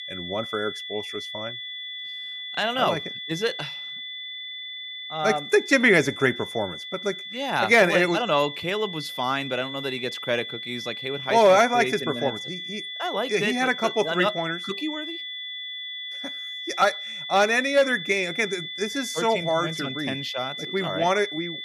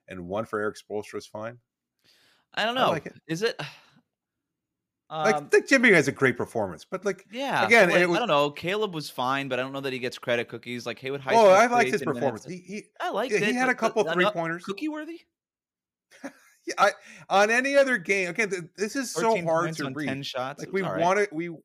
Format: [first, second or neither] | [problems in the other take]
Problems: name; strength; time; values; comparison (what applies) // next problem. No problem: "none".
second | high-pitched whine; loud; throughout; 3.5 kHz, 9 dB below the speech